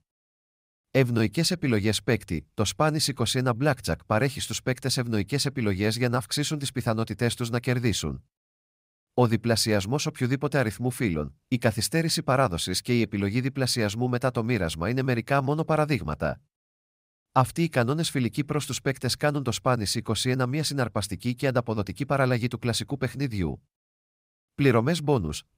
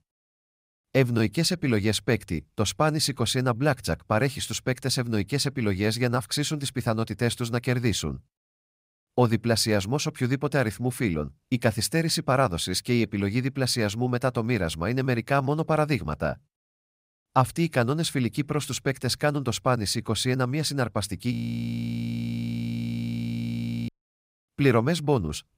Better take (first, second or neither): first